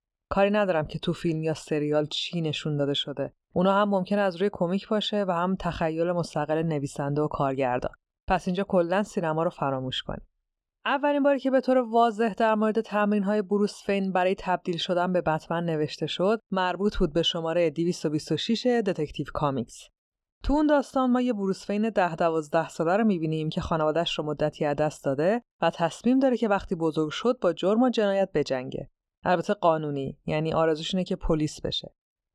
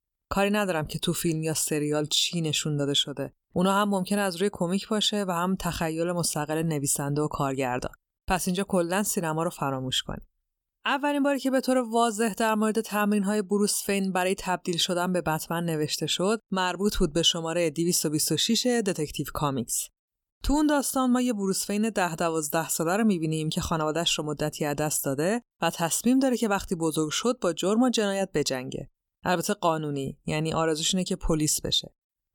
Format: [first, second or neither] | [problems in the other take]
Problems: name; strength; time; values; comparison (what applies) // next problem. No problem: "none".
second | muffled; slightly; fading above 3 kHz